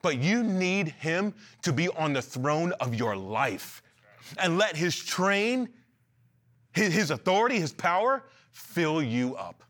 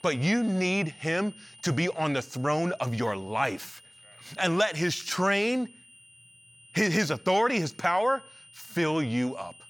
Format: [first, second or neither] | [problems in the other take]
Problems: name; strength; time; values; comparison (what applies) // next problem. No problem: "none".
first | high-pitched whine; faint; throughout; 3 kHz, 25 dB below the speech